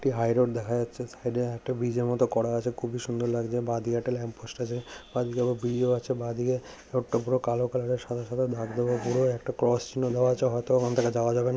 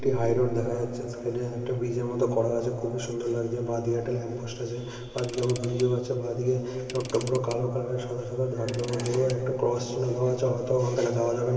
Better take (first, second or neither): first